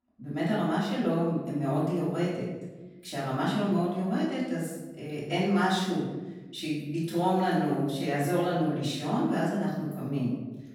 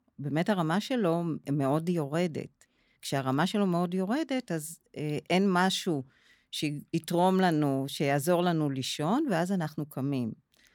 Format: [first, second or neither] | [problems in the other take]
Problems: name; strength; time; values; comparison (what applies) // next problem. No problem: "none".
second | off-mic speech; far // room echo; noticeable; dies away in 1 s